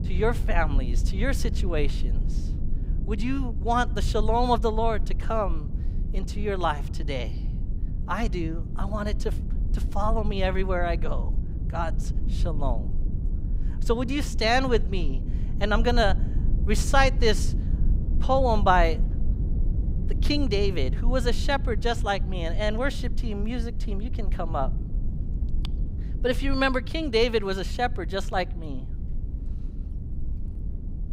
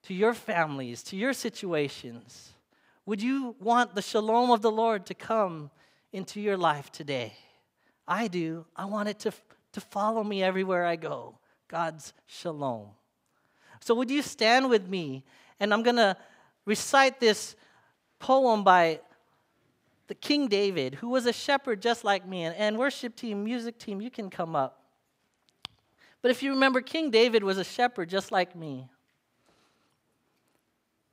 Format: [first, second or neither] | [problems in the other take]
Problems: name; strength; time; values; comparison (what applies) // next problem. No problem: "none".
second | low rumble; noticeable; throughout; 20 dB below the speech